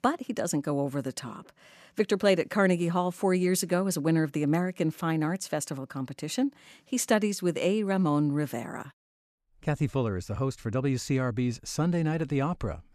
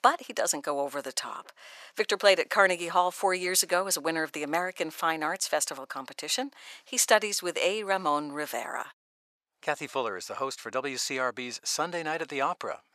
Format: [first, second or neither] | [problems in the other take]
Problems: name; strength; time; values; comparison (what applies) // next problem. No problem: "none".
first | thin; very; fading below 750 Hz